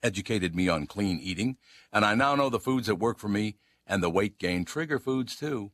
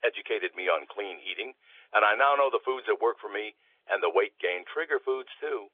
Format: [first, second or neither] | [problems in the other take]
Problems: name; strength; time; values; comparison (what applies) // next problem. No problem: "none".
first | phone-call audio; nothing above 3.5 kHz